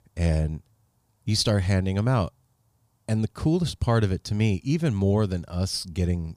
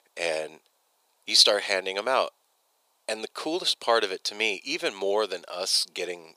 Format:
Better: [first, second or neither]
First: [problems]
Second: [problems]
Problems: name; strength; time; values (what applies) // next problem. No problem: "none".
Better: first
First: none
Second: thin; very; fading below 450 Hz